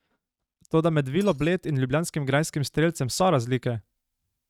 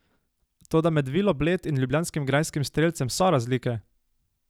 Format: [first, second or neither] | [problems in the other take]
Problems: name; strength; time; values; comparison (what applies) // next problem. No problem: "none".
second | noise reduction (neural mask model RNNoise)